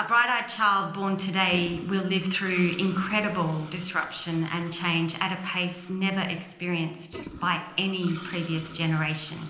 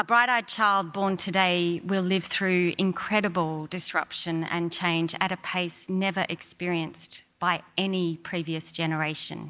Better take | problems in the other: second | background sound (Toilet flush); 19 dB below the speech // room echo; dies away in 0.8 s

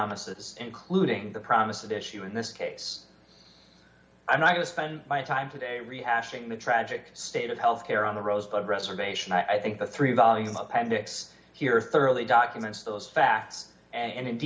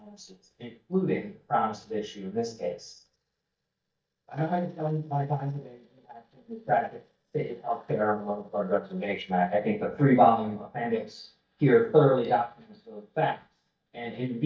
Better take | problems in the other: first | noise reduction (neural mask model DeepFilterNet 3)

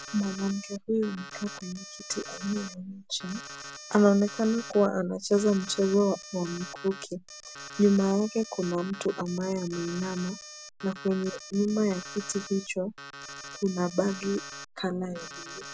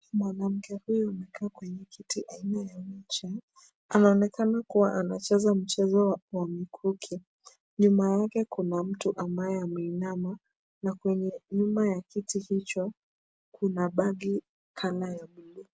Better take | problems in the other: second | background sound (Alarm); 14 dB below the speech

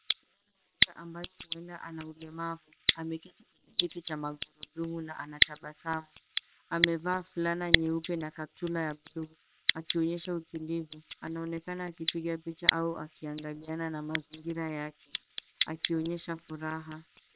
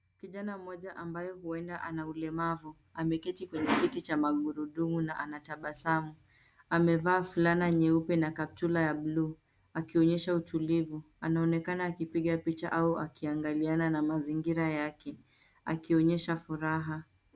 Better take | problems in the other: second | noise reduction (neural separator model SepFormer WHAM!)

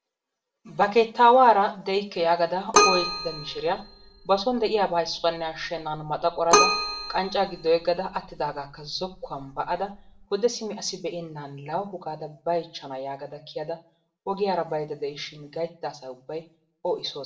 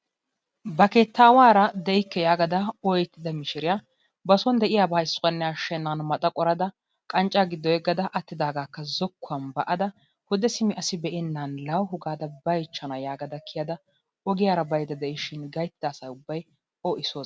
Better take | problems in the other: second | background sound (Keyboard (musical)); 2 dB below the speech // room echo; dies away in 0.3 s

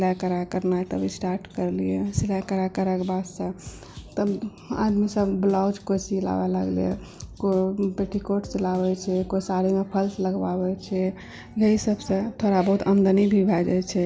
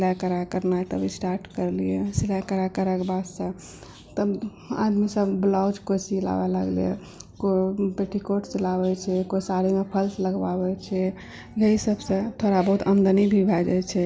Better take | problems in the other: second | background sound (Drum / Drum kit); 19 dB below the speech

